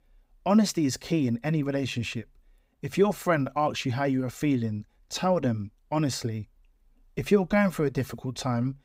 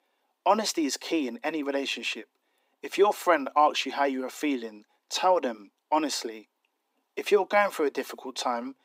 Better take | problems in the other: first | thin; somewhat; fading below 300 Hz

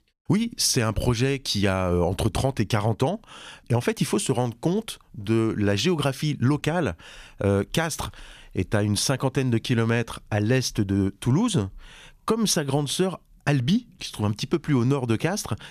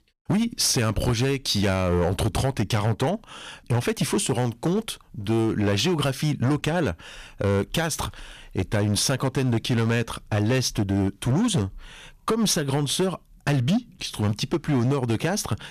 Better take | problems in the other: first | distortion; slight; 12% of the sound clipped

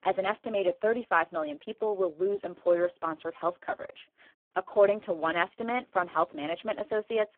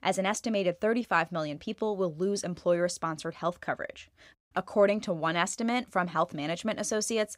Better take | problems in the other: second | phone-call audio; poor line

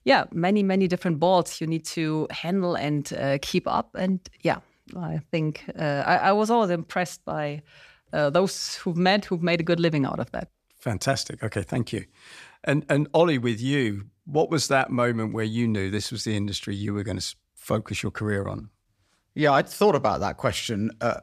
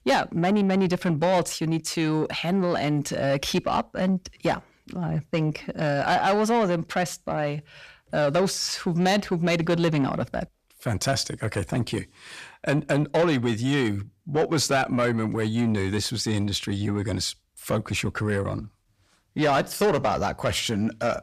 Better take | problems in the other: first | distortion; slight; 10 dB below the speech

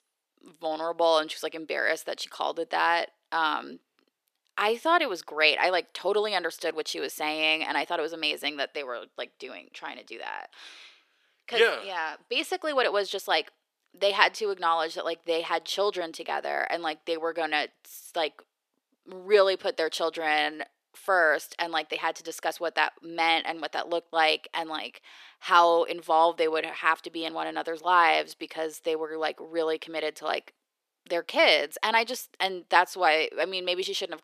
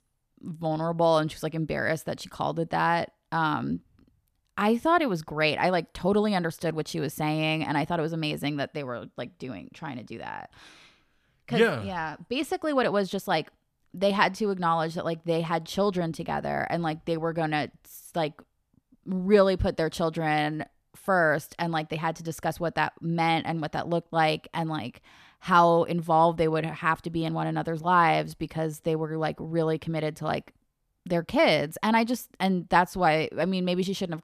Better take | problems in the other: second | thin; very; fading below 400 Hz

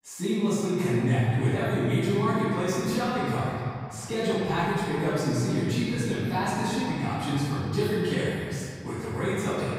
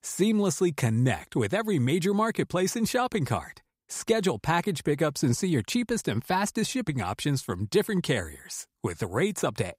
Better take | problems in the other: second | room echo; strong; dies away in 2.4 s // off-mic speech; far

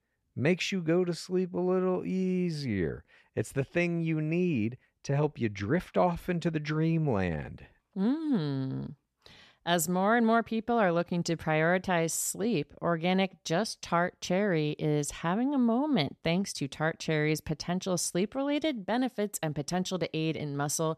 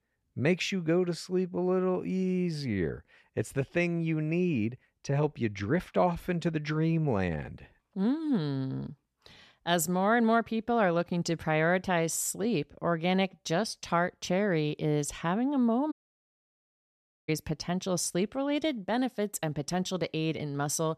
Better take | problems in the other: first | audio cutting out; at 16 s for 1.5 s

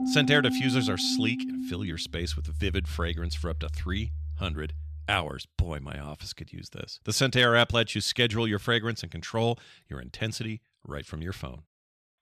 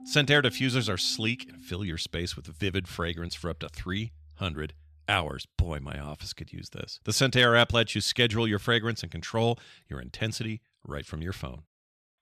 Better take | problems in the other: second | background music; loud; until 5 s; 5 dB below the speech; faint in the second

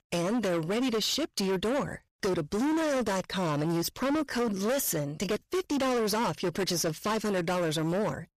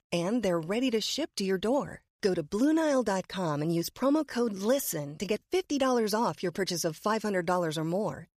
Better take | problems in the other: second | distortion; heavy; 27% of the sound clipped

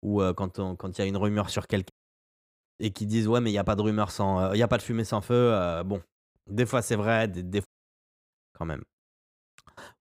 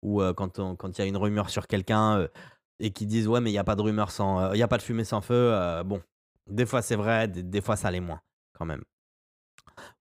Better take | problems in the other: second | audio cutting out; at 2 s for 0.5 s and at 7.5 s for 0.5 s

